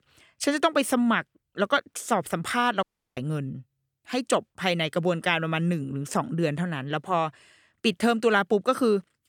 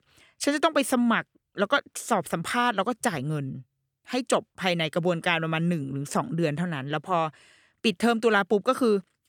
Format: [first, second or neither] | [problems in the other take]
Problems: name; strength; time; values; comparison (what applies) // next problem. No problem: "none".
second | audio cutting out; at 3 s